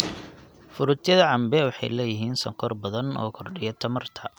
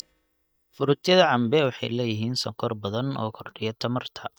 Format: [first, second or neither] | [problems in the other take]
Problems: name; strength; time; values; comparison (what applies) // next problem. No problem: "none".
first | noise reduction (neural mask model DeepFilterNet 3)